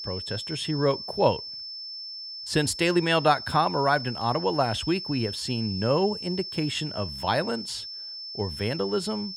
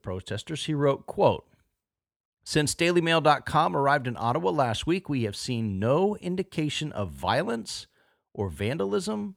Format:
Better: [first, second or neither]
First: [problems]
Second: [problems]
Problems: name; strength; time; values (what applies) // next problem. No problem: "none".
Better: second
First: high-pitched whine; loud; throughout; 5.5 kHz, 8 dB below the speech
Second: none